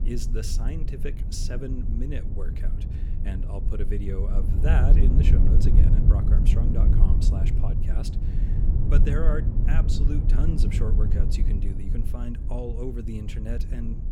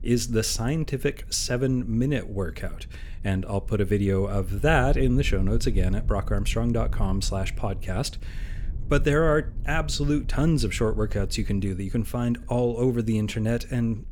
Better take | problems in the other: second | low rumble; loud; throughout; 2 dB below the speech; faint in the second

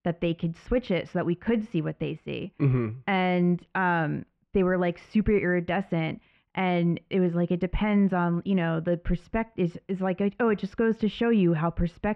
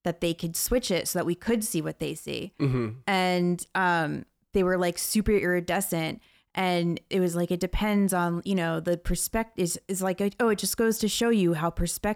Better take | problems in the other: second | muffled; very; fading above 2.5 kHz

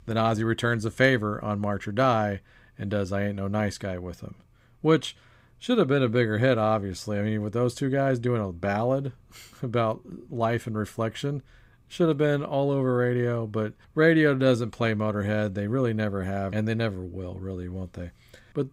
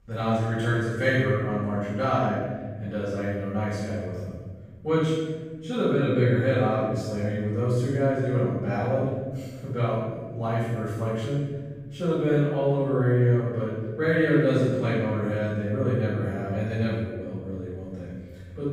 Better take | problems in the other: first | off-mic speech; far // room echo; strong; dies away in 1.5 s

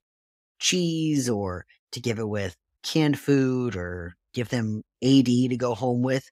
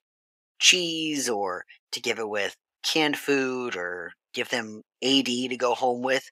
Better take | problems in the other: first | thin; somewhat; fading below 450 Hz

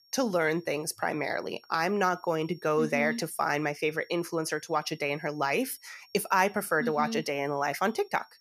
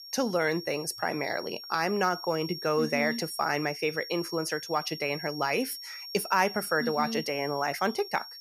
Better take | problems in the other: first | high-pitched whine; loud; throughout; 5.5 kHz, 10 dB below the speech; faint in the first

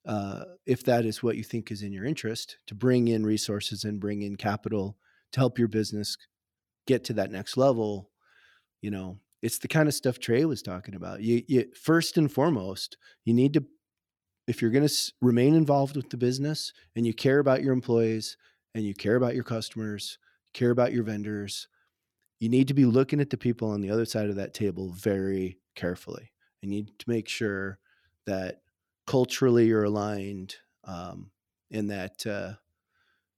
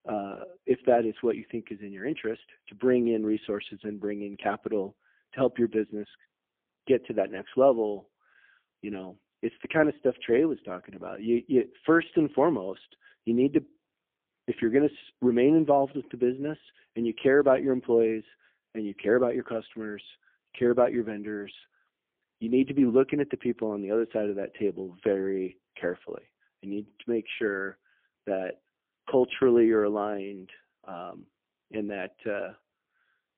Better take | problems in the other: first | phone-call audio; poor line

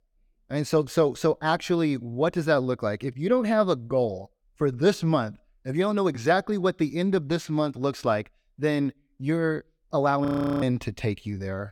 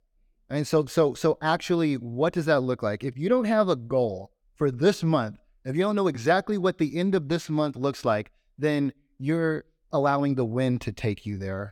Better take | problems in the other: second | audio freezing; at 10 s

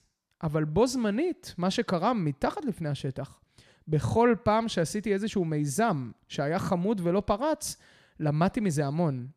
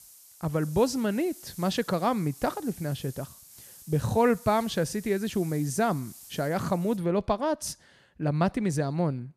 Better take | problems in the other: first | hiss; noticeable; until 7 s; 20 dB below the speech

